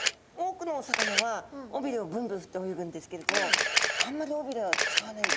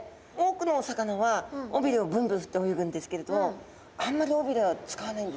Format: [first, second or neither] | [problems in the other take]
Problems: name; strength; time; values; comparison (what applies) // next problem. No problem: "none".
second | background sound (Camera); 3 dB above the speech